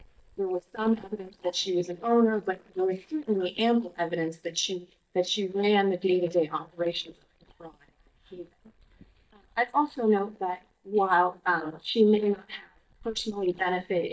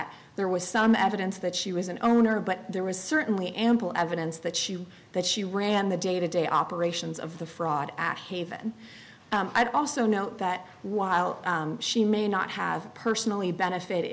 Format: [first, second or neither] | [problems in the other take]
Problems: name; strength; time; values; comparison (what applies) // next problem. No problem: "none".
second | noise reduction (neural mask model DeepFilterNet 3)